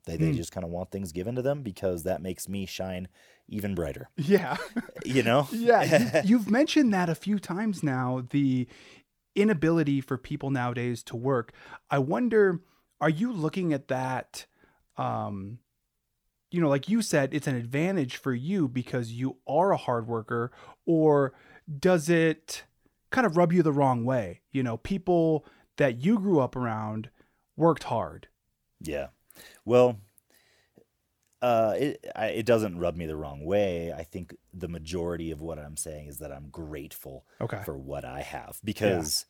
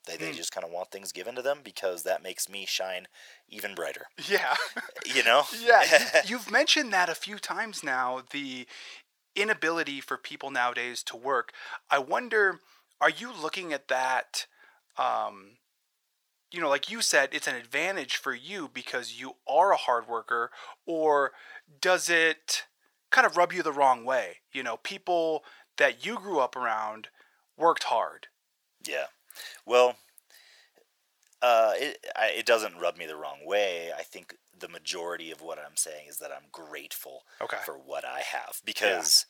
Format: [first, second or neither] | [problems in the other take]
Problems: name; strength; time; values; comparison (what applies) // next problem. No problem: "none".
first | thin; very; fading below 800 Hz